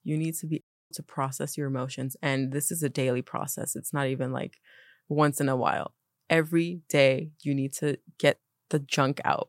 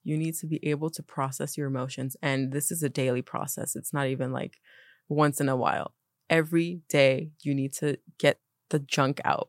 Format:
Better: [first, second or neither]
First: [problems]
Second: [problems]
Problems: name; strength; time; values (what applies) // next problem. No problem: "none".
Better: second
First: audio cutting out; at 0.5 s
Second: none